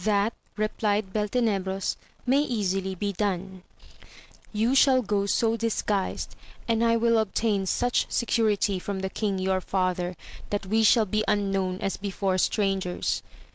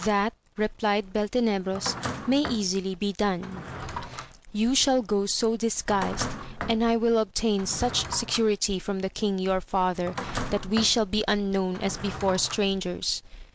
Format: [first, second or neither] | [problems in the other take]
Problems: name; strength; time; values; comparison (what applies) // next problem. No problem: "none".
first | background sound (Drawer open or close); 13 dB below the speech